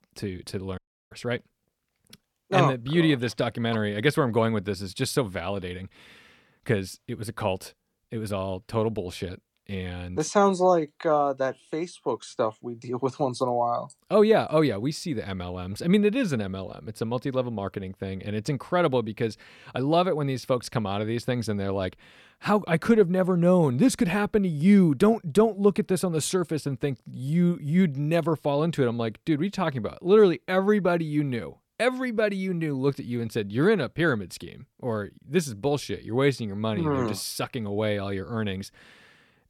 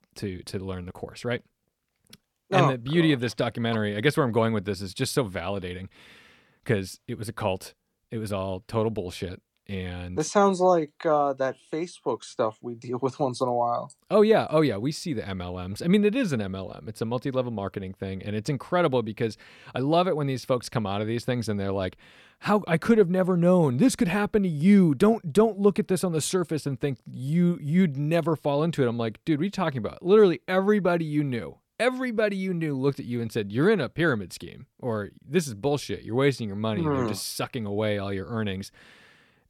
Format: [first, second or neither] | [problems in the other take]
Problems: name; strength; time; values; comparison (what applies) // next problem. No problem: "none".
second | audio cutting out; at 1 s